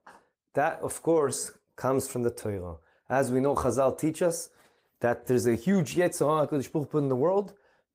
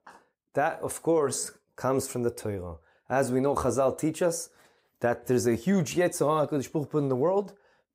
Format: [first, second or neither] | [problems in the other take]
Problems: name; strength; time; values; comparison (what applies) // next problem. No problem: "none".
second | garbled, watery; slightly; nothing above 15.5 kHz